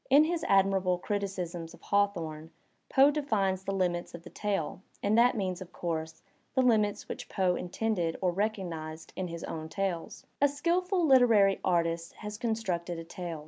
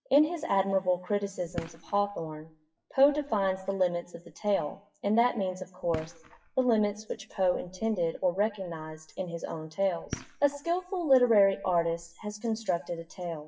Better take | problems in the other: first | noise reduction (classical method WPE with log-MMSE)

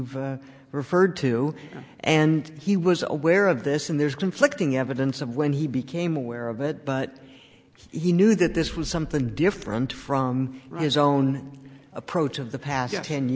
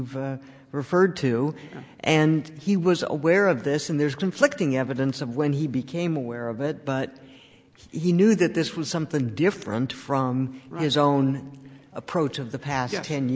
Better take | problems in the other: second | background sound (Boom); 17 dB below the speech

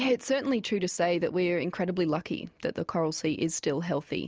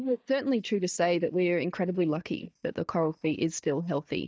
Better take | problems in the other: first | noise reduction (neural mask model DeepFilterNet 3)

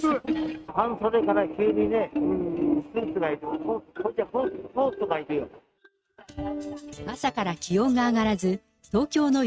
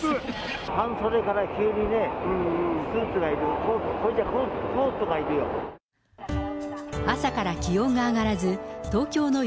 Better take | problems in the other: second | noise reduction (neural mask model RNNoise)

